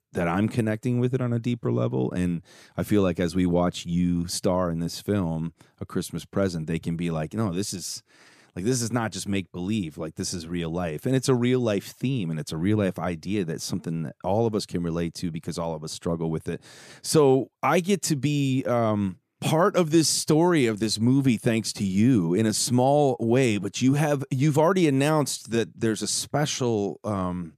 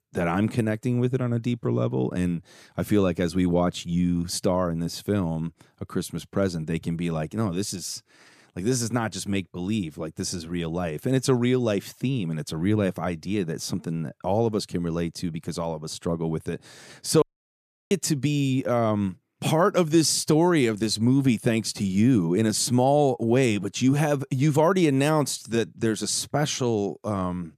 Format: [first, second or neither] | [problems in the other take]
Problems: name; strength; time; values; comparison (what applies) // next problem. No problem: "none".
first | audio cutting out; at 17 s for 0.5 s